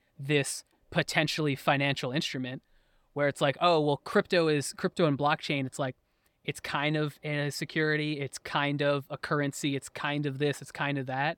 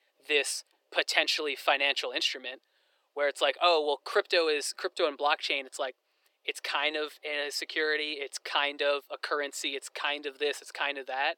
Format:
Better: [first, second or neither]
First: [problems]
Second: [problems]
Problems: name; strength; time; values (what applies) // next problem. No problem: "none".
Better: first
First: none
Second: thin; very; fading below 350 Hz